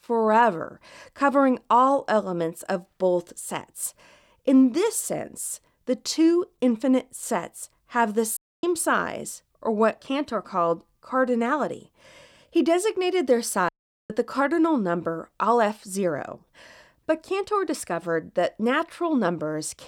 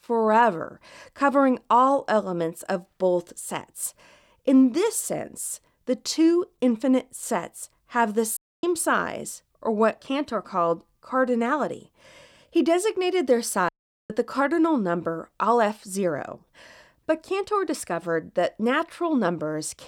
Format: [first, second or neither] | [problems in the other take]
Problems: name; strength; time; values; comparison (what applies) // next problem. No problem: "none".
neither | audio cutting out; at 8.5 s and at 14 s; the same in both